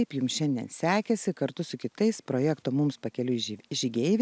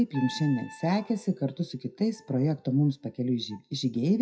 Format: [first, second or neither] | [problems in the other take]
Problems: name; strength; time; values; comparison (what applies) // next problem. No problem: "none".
first | noise reduction (classical method WPE with log-MMSE)